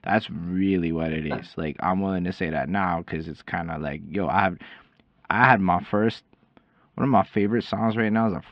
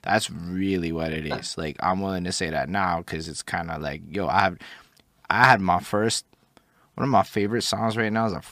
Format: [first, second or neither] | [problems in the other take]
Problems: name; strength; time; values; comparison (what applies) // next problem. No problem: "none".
second | muffled; very; fading above 3 kHz